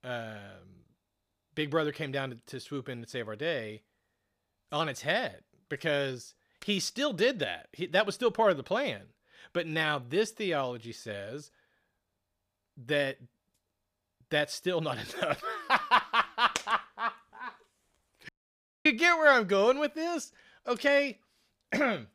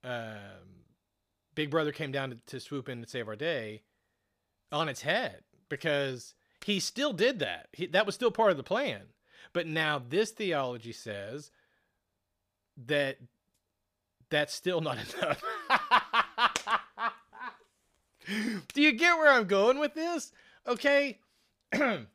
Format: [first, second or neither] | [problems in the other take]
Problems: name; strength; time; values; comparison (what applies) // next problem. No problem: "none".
second | audio cutting out; at 18 s for 0.5 s